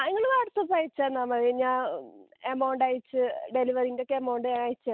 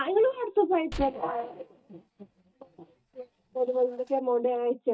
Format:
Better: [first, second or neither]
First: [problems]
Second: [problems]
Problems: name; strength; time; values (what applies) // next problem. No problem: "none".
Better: first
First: none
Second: noise reduction (neural mask model DeepFilterNet 3)